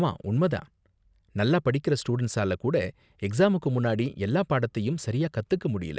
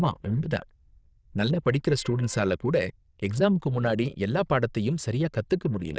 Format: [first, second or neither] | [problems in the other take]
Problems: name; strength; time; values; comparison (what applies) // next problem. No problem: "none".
first | noise reduction (neural diffusion model UNIVERSE++)